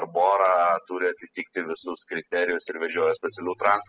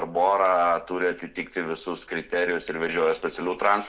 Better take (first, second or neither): second